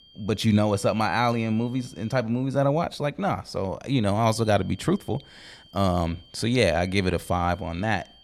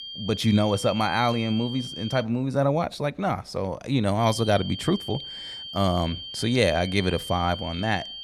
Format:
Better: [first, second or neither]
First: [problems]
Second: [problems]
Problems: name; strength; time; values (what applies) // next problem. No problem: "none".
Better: first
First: high-pitched whine; faint; until 2 s and from 4 s on; 3 kHz, 25 dB below the speech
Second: high-pitched whine; loud; until 2 s and from 4 s on; 3 kHz, 10 dB below the speech